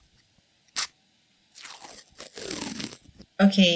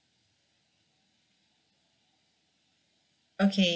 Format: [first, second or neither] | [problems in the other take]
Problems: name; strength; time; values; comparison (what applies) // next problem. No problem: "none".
second | background sound (Packing tape, duct tape); 12 dB below the speech